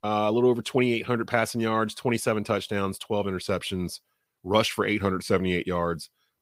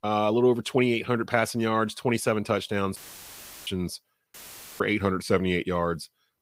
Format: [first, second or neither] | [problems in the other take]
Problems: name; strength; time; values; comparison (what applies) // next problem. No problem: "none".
first | audio cutting out; filled with static; at 3 s for 0.5 s and at 4.5 s